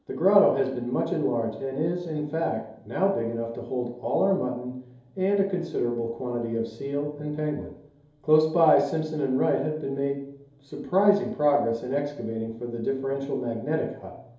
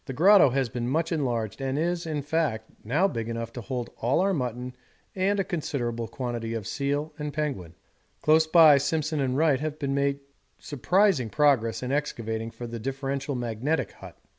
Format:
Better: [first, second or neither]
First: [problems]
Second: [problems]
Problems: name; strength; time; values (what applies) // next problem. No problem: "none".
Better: second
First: room echo; dies away in 2.8 s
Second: none